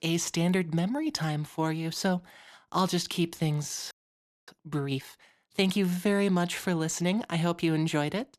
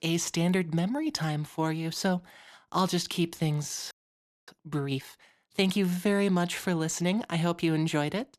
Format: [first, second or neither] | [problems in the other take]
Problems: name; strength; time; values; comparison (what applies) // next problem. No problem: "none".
neither | audio freezing; at 4 s for 0.5 s; the same in both